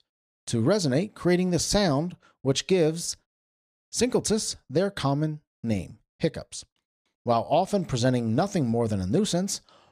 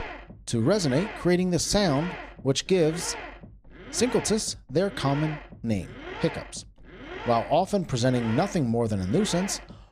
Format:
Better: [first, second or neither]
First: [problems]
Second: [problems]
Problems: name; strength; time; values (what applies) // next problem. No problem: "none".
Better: first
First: none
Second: low rumble; noticeable; throughout; 10 dB below the speech